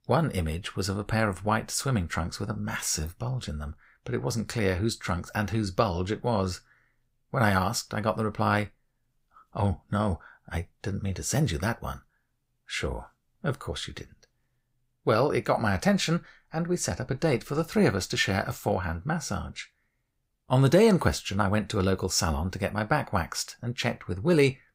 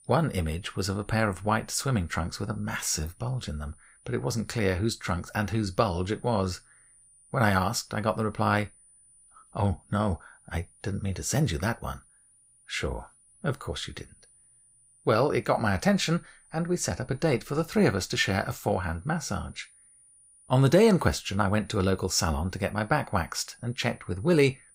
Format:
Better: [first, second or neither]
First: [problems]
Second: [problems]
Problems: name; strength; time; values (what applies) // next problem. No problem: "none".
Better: first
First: none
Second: high-pitched whine; faint; throughout; 9.5 kHz, 30 dB below the speech